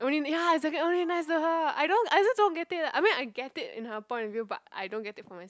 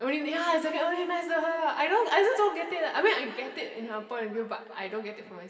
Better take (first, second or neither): first